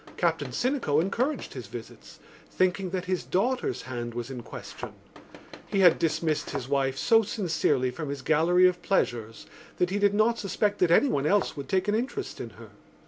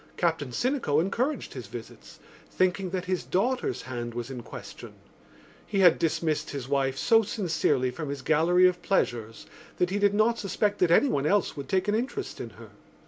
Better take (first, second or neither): second